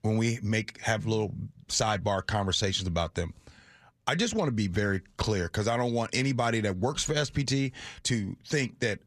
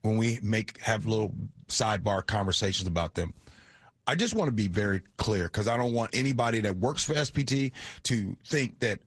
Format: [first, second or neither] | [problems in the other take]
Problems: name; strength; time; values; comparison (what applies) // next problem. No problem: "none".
first | garbled, watery; slightly; nothing above 11.5 kHz